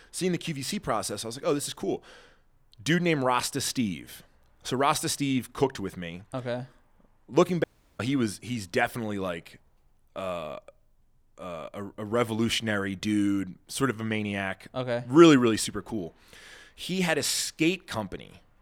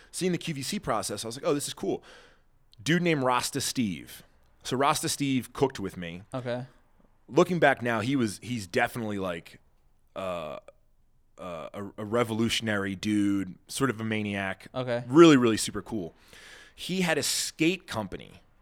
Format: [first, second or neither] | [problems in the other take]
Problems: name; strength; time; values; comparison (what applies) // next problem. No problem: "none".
second | audio cutting out; at 7.5 s